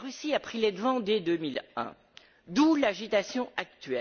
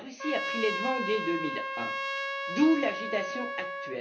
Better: first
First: none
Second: background sound (Trumpet); 3 dB below the speech // room echo; dies away in 0.3 s

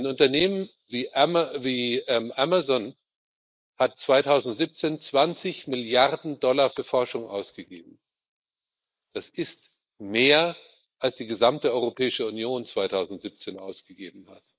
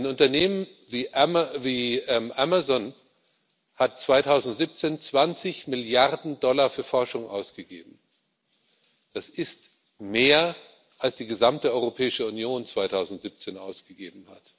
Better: second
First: noise reduction (neural mask model Resemble Enhance denoiser)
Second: none

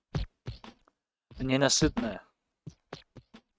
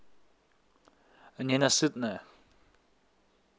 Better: second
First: noise reduction (neural mask model RNNoise)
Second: none

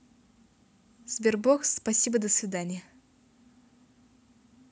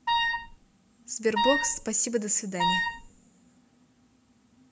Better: first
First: none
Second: background sound (Wind instrument, woodwind instrument); 3 dB above the speech // room echo; dies away in 0.4 s

